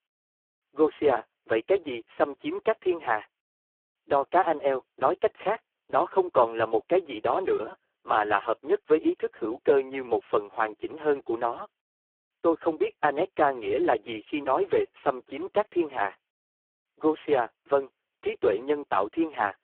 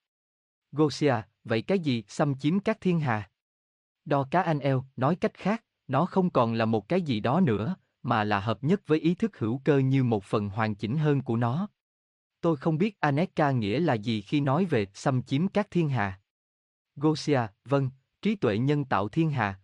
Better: second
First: phone-call audio; poor line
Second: none

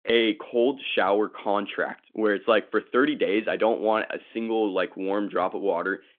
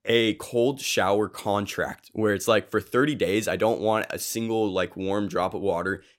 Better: second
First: phone-call audio; nothing above 3.5 kHz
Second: none

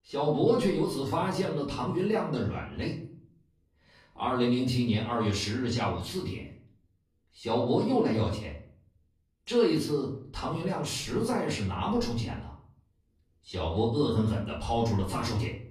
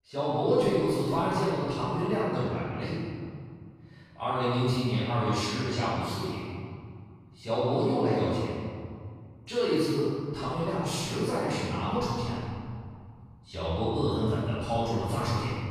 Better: first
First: room echo; slight; dies away in 0.5 s // off-mic speech; far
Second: room echo; strong; dies away in 2.1 s // off-mic speech; far

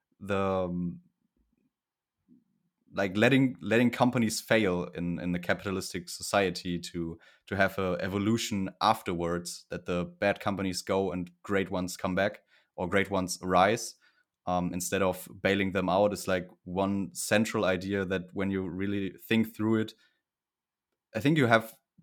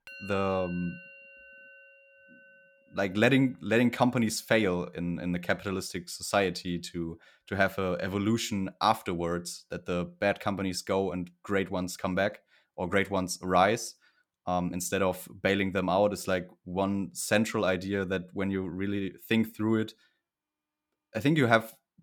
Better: first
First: none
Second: background music; noticeable; throughout; 20 dB below the speech

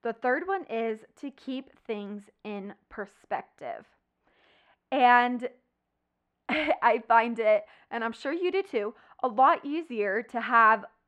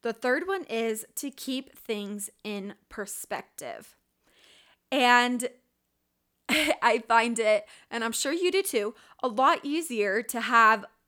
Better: second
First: muffled; very; fading above 2 kHz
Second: none

